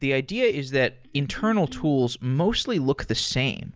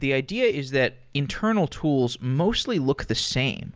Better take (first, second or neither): second